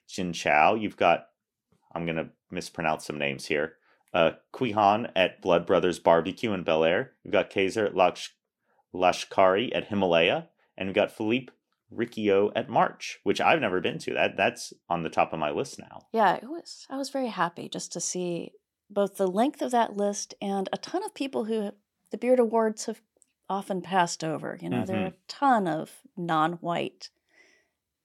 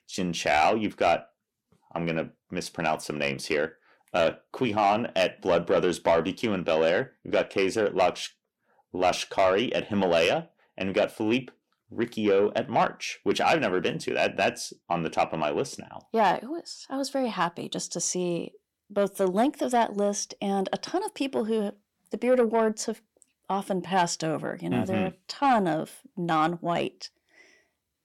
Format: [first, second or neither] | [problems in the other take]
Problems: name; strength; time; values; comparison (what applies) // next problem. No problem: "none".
first | distortion; slight; 10 dB below the speech